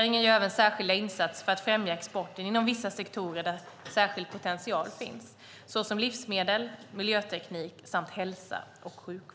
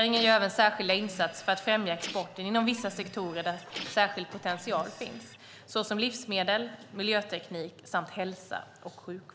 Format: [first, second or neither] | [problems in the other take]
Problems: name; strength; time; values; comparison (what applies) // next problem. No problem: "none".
first | background sound (Printer); 15 dB below the speech